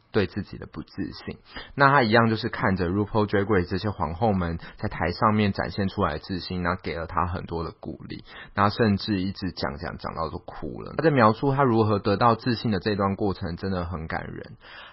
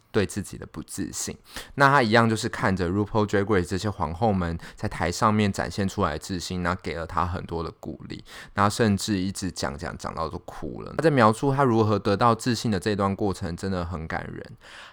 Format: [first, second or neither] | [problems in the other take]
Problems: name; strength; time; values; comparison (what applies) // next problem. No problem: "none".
second | garbled, watery; badly; nothing above 5.5 kHz